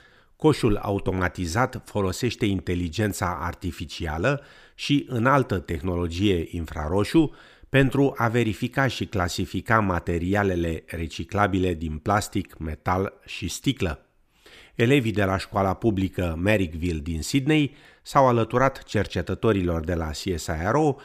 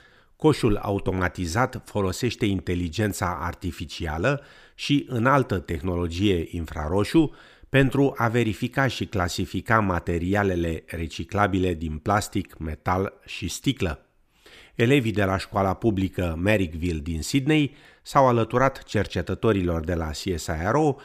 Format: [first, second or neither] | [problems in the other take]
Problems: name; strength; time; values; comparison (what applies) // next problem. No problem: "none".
neither | none